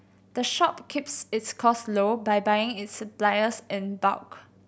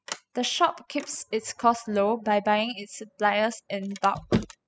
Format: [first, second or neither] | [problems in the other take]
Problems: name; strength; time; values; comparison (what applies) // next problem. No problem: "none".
first | noise reduction (classical method spectral subtraction)